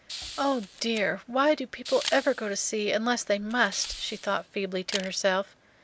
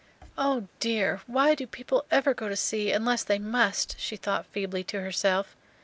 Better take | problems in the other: second | background sound (Camera + Hiss); 13 dB below the speech

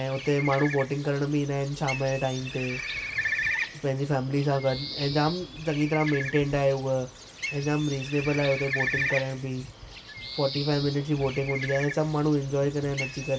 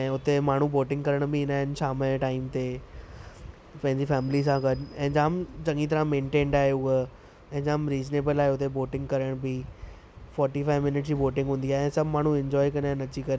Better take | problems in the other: second | background sound (Bird); 8 dB below the speech // room echo; dies away in 0.2 s

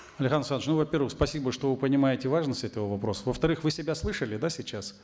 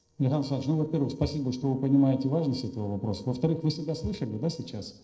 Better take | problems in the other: first | noise reduction (neural separator model SepFormer DNS4)

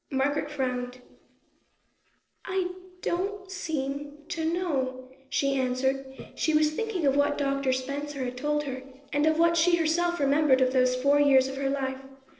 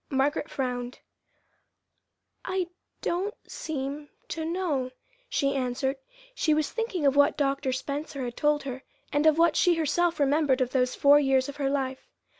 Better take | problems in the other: second | noise reduction (neural separator model SepFormer DNS4)

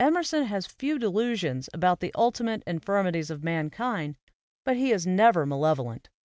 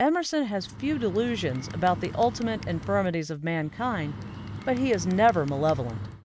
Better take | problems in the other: first | background sound (Bird); 11 dB below the speech

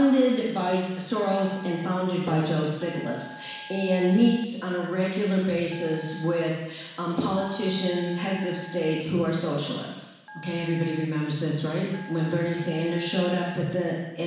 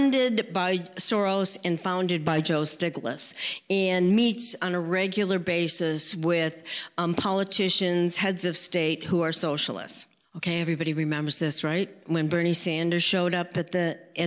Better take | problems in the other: second | background sound (Telephone); 20 dB below the speech // room echo; dies away in 1.1 s

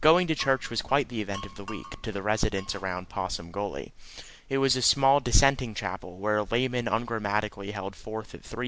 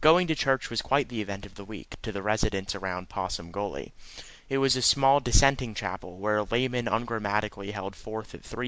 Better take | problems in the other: second | background sound (Glass); 17 dB below the speech

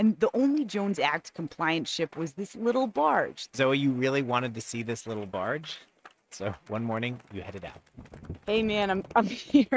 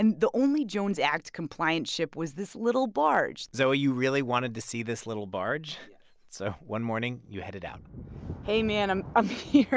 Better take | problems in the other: second | noise reduction (neural mask model RNNoise)

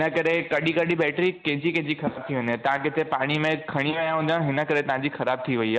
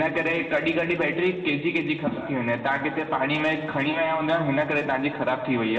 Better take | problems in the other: first | room echo; dies away in 2.1 s

